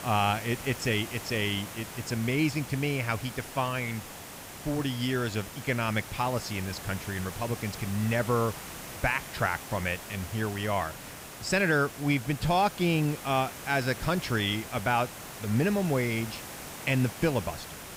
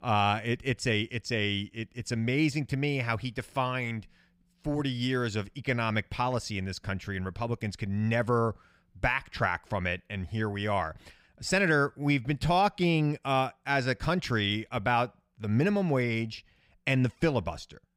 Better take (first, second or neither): second